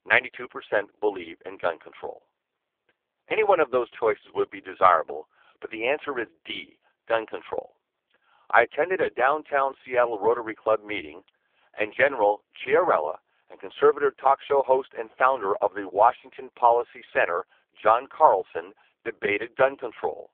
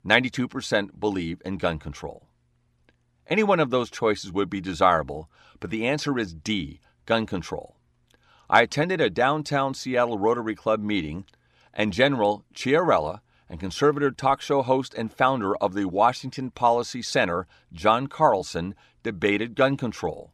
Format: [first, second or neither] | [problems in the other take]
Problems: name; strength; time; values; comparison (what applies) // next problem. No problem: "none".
second | phone-call audio; poor line